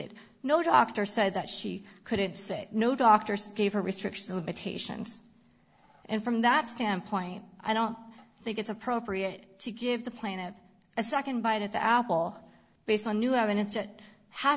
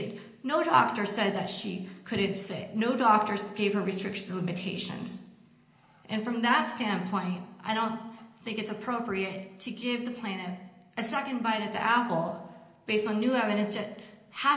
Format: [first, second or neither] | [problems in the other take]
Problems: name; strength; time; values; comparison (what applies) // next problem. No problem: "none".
first | room echo; dies away in 0.9 s